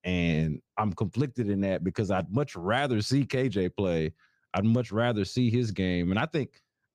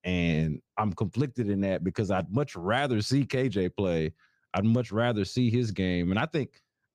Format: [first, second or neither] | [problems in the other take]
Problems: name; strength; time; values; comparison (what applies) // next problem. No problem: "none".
neither | none